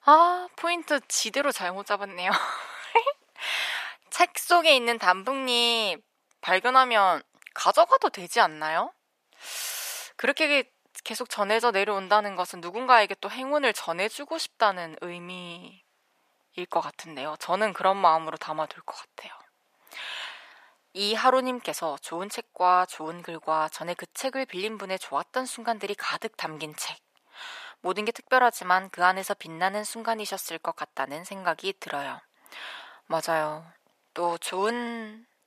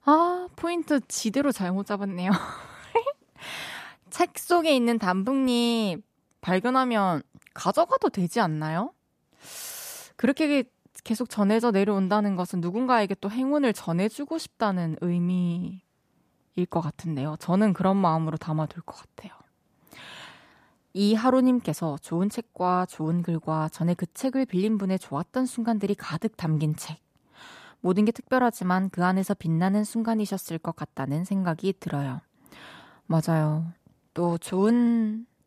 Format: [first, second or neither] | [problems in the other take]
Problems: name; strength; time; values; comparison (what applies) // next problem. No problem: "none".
second | thin; very; fading below 650 Hz